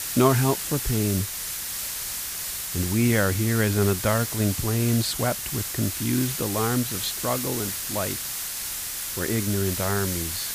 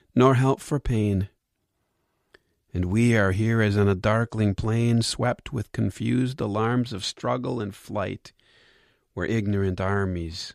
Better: second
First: hiss; loud; throughout; 3 dB below the speech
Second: none

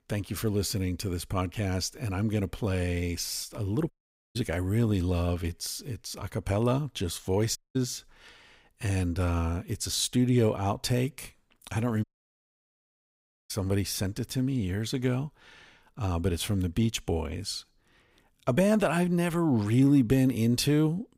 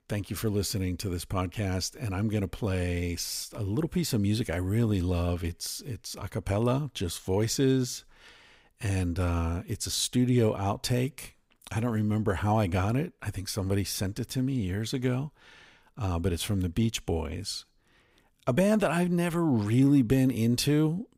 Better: second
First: audio cutting out; at 4 s, at 7.5 s and at 12 s for 1.5 s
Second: none

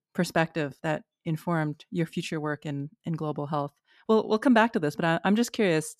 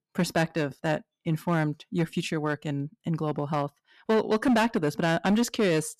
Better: first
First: none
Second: distortion; slight; 7% of the sound clipped

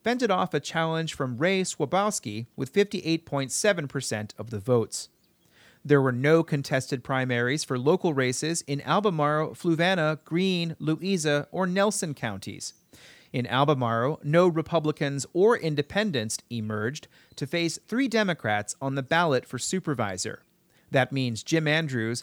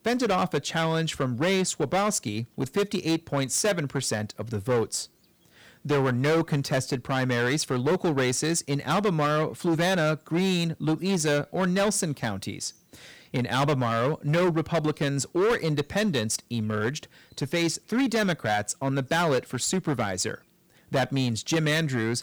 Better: first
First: none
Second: distortion; heavy; 12% of the sound clipped

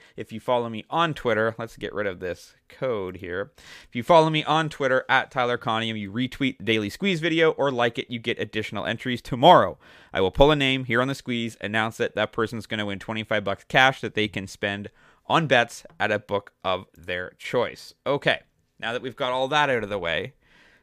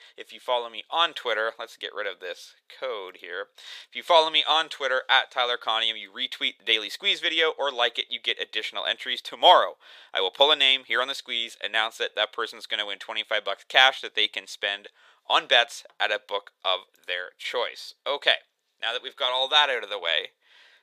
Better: first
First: none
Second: thin; very; fading below 550 Hz

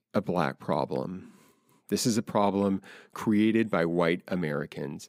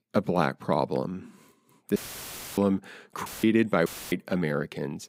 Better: first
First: none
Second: audio cutting out; filled with static; at 2 s for 0.5 s, at 3.5 s and at 4 s

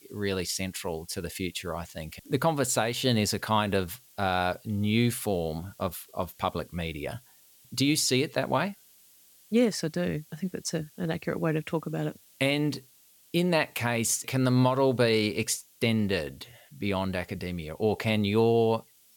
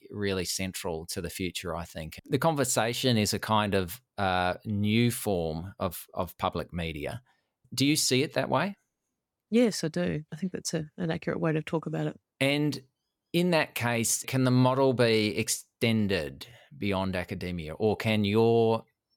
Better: second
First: hiss; faint; throughout; 25 dB below the speech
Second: none

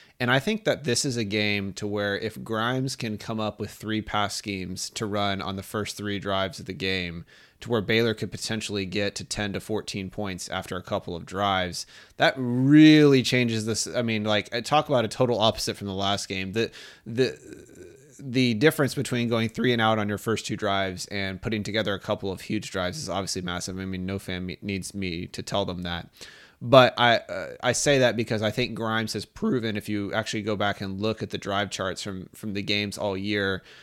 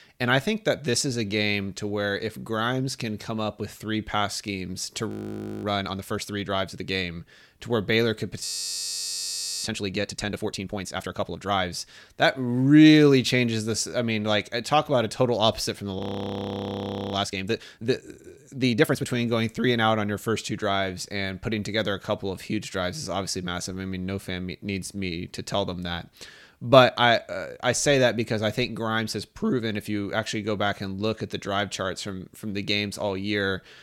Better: first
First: none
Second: audio freezing; at 5 s for 0.5 s, at 8.5 s for 1 s and at 16 s for 1 s

